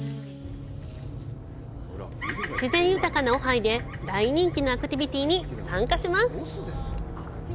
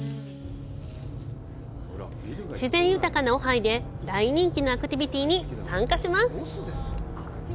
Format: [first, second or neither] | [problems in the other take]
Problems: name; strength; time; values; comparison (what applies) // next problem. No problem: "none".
second | background sound (Bird vocalization, bird call, bird song); 15 dB below the speech